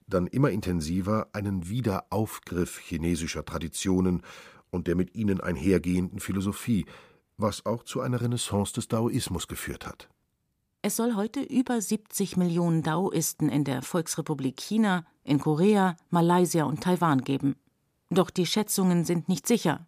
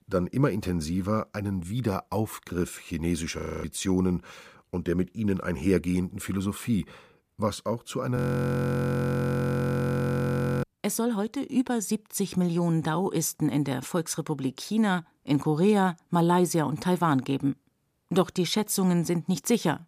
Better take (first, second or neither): first